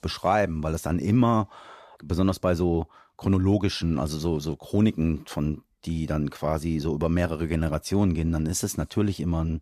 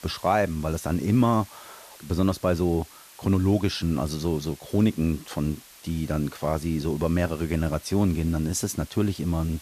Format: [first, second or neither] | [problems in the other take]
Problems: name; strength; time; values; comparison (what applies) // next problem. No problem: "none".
first | hiss; faint; throughout; 20 dB below the speech